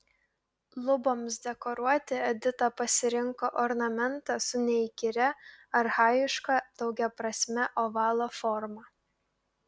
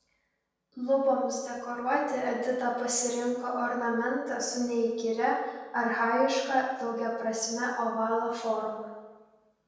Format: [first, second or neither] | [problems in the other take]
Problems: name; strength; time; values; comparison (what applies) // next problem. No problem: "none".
first | room echo; dies away in 1.1 s